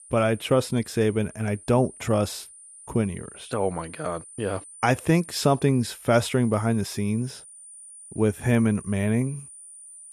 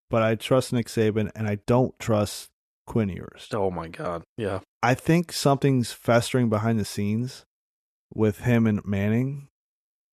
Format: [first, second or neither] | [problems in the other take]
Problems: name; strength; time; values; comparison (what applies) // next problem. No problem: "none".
second | high-pitched whine; noticeable; throughout; 9 kHz, 20 dB below the speech